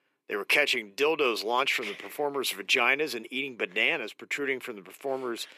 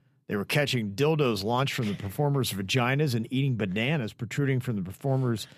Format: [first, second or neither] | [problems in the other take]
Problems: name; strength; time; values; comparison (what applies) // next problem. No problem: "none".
second | thin; very; fading below 350 Hz